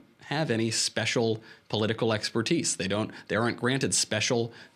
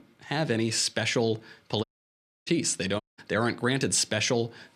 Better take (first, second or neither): first